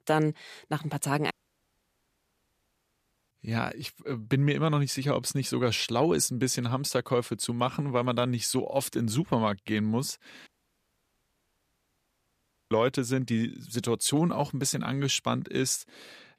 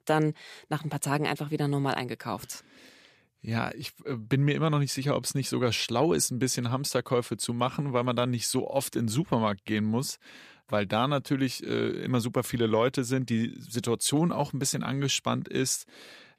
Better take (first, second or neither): second